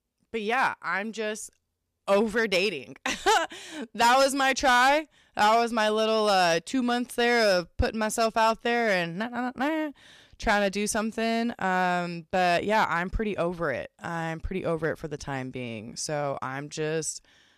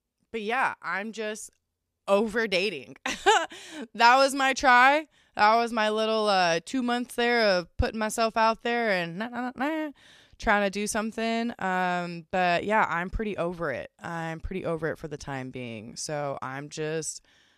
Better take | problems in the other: second | distortion; slight; 3% of the sound clipped

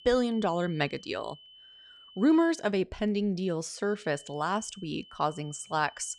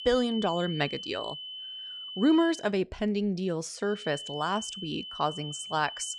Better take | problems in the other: first | high-pitched whine; loud; until 2.5 s and from 4 s on; 3 kHz, 9 dB below the speech; faint in the first

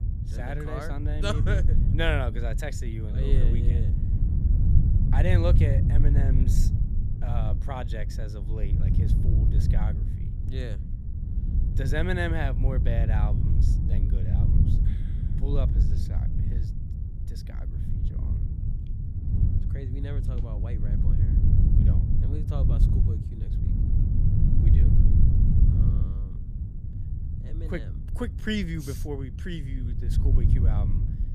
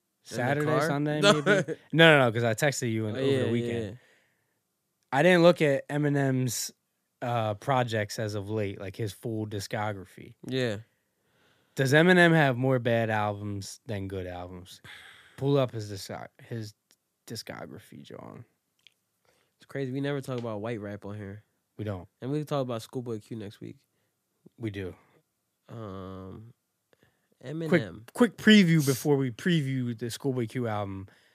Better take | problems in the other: second | wind noise on the microphone; heavy; 5 dB below the speech

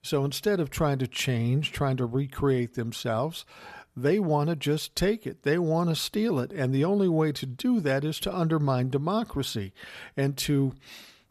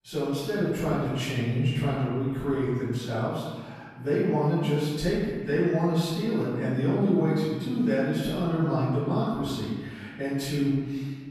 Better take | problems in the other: first | off-mic speech; far // room echo; strong; dies away in 1.5 s

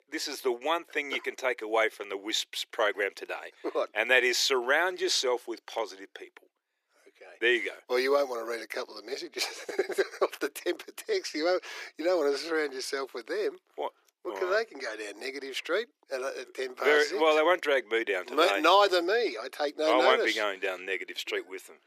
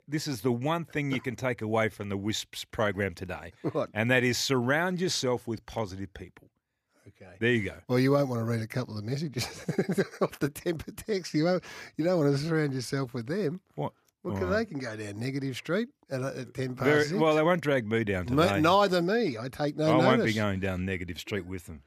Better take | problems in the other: second | thin; very; fading below 350 Hz

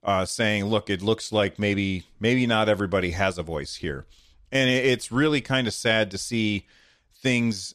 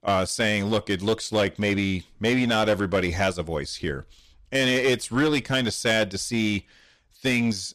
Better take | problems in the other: first | distortion; slight; 7% of the sound clipped

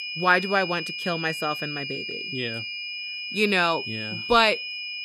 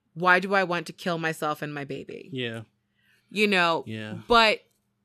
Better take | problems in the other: second | high-pitched whine; loud; throughout; 2.5 kHz, 6 dB below the speech

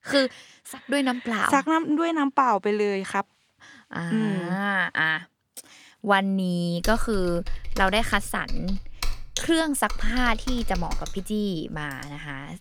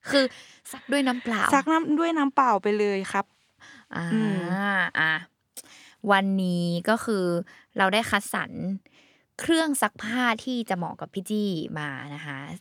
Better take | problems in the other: second | keyboard typing; noticeable; from 7 to 12 s; peak 7 dB below the speech

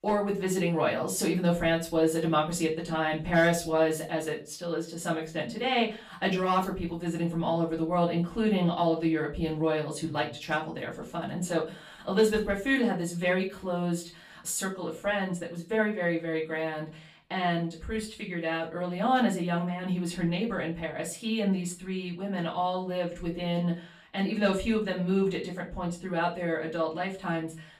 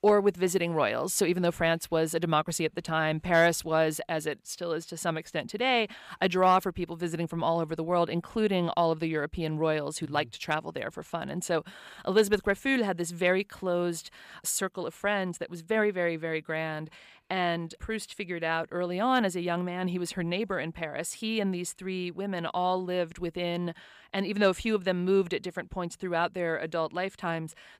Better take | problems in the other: second | off-mic speech; far // room echo; slight; dies away in 0.3 s

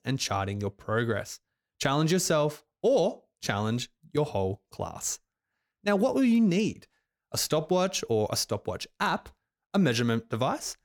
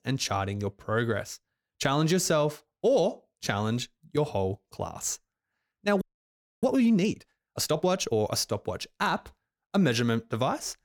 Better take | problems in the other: first | audio freezing; at 6 s for 0.5 s

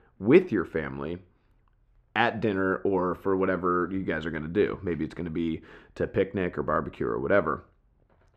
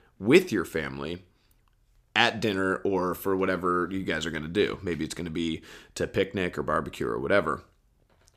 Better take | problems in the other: second | muffled; very; fading above 3.5 kHz

